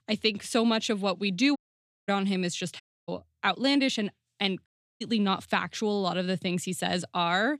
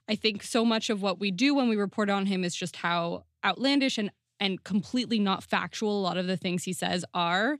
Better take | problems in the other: second | audio cutting out; at 1.5 s for 0.5 s, at 3 s and at 4.5 s

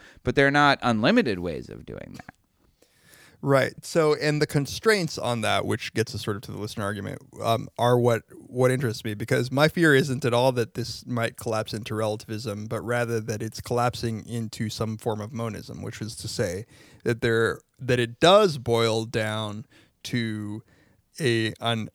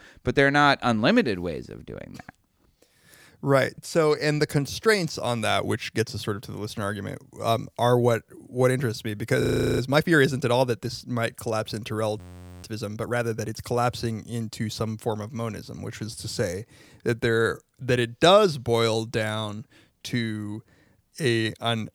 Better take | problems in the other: first | audio freezing; at 9.5 s and at 12 s

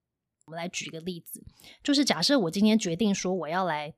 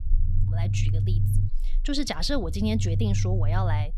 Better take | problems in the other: first | low rumble; loud; throughout; 9 dB below the speech

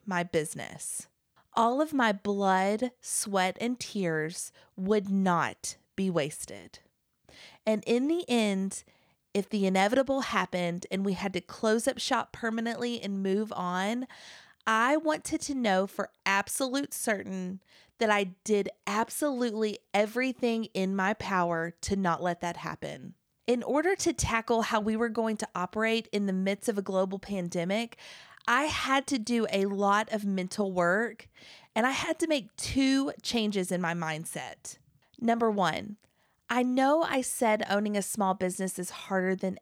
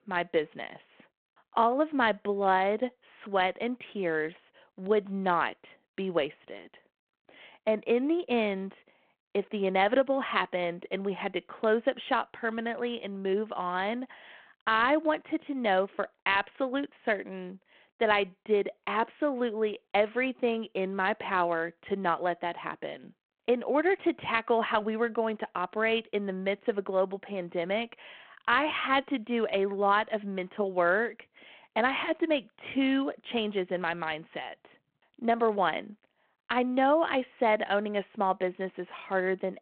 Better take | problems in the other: first | phone-call audio

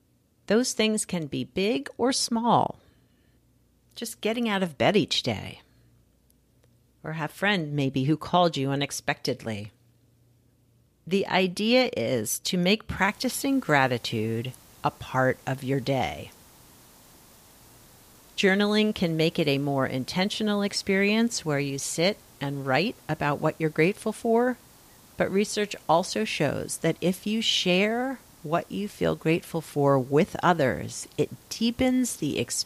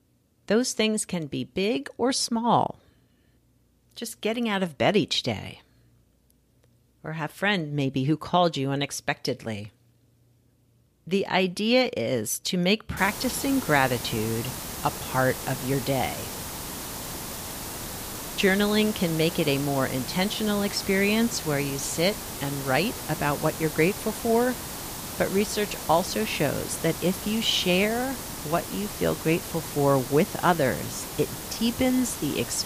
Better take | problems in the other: first | hiss; loud; from 13 s on; 8 dB below the speech; faint in the first

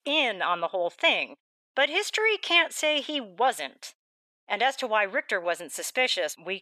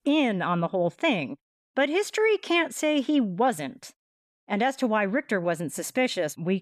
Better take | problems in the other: second | thin; somewhat; fading below 650 Hz

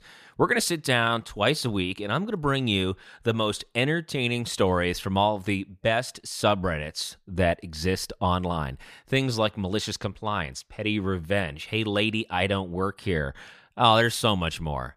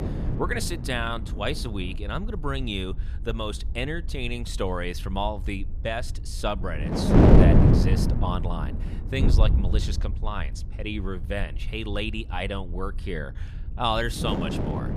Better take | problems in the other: first | wind noise on the microphone; heavy; 2 dB above the speech

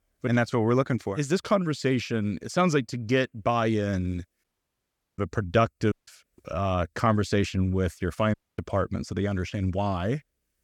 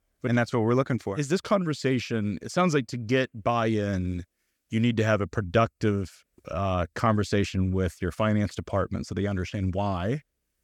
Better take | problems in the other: second | audio cutting out; at 4.5 s for 0.5 s, at 6 s and at 8.5 s

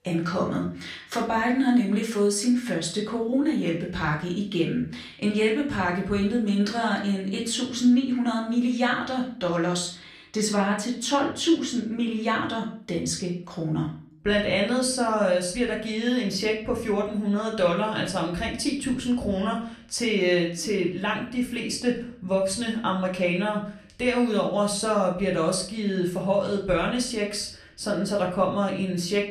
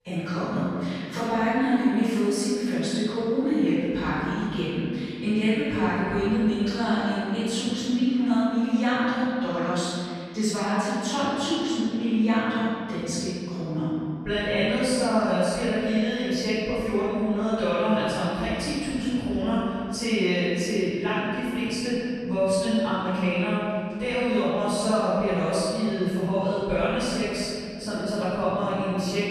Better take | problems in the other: first | room echo; strong; dies away in 2.3 s; slight in the first // off-mic speech; far; far in the first

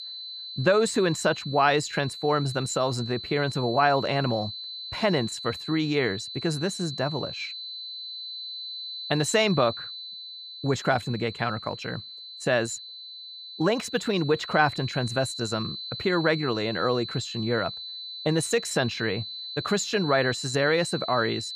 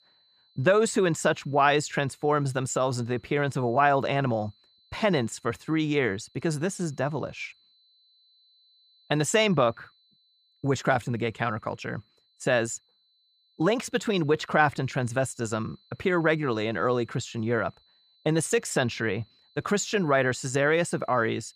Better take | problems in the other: second | high-pitched whine; loud; throughout; 4 kHz, 9 dB below the speech; faint in the second

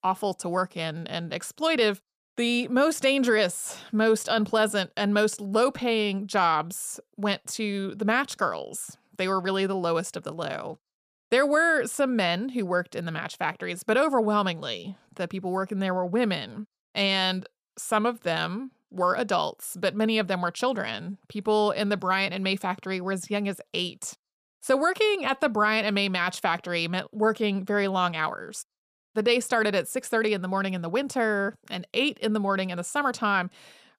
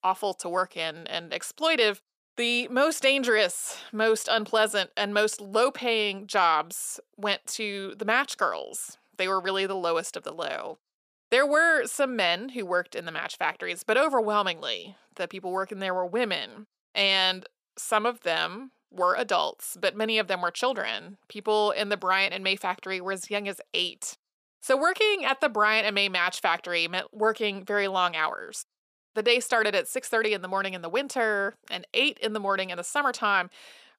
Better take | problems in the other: first | thin; somewhat; fading below 350 Hz

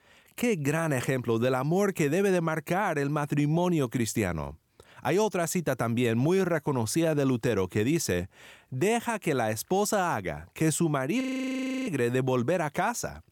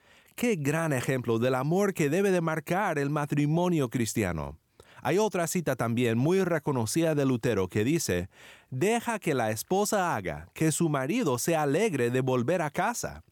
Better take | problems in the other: second | audio freezing; at 11 s for 0.5 s

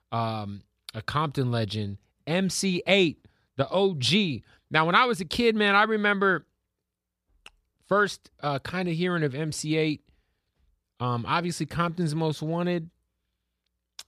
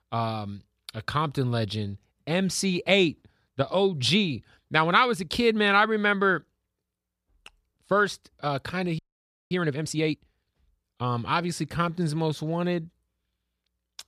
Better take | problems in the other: first | audio freezing; at 9 s for 0.5 s

